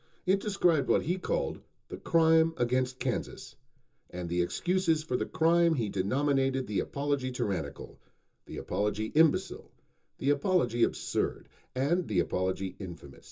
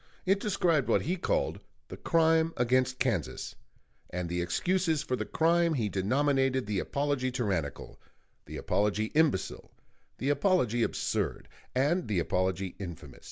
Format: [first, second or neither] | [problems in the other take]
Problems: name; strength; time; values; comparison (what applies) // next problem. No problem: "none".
second | room echo; dies away in 0.2 s